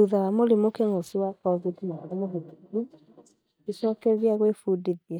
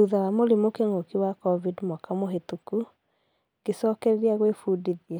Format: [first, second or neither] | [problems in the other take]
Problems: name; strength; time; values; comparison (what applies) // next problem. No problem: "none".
second | noise reduction (neural mask model DeepFilterNet 3)